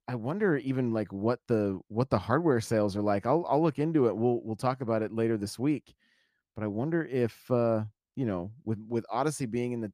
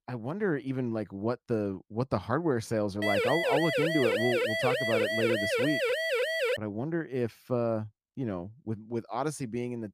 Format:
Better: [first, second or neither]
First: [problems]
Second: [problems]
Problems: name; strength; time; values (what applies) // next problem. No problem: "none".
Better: first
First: none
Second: siren; loud; from 3 to 6.5 s; peak 4 dB above the speech